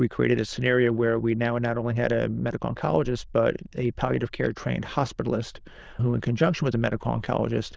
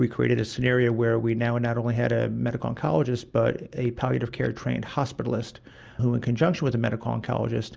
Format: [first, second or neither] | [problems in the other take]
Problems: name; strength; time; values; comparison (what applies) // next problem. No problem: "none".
second | noise reduction (neural diffusion model UNIVERSE++)